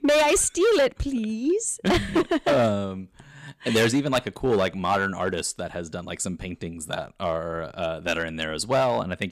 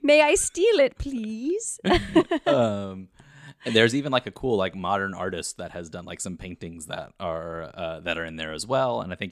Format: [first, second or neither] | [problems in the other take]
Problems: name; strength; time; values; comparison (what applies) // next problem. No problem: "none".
second | distortion; heavy; 7% of the sound clipped